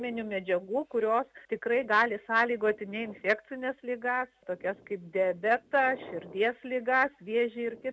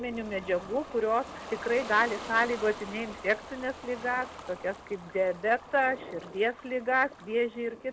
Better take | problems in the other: first | background sound (Ocean); 14 dB below the speech

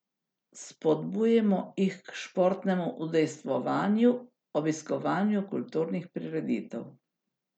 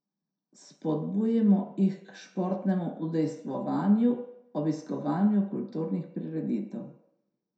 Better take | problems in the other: first | room echo; dies away in 0.6 s

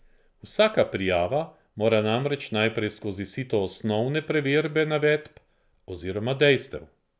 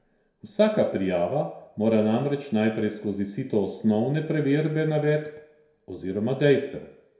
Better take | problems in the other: first | room echo; dies away in 0.6 s

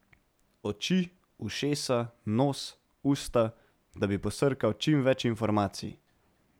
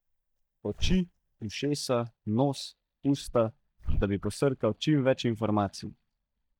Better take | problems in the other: first | noise reduction (neural mask model DeepFilterNet 3)

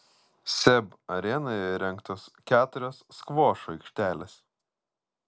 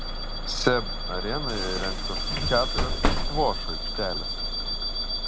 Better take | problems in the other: first | background sound (Bus / Alarm); 3 dB above the speech

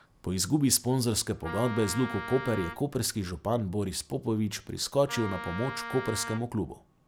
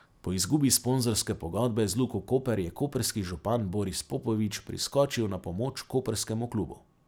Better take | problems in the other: second | background sound (Wind instrument, woodwind instrument); 10 dB below the speech

